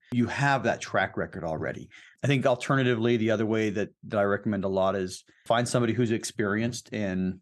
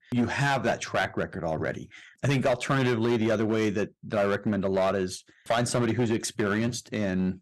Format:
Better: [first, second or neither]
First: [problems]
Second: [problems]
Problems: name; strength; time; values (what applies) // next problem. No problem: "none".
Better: first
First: none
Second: distortion; slight; 8% of the sound clipped